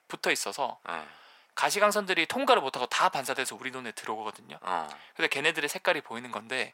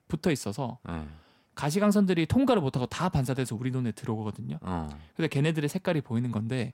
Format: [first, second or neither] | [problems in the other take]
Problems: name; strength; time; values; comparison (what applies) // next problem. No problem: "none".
second | thin; very; fading below 750 Hz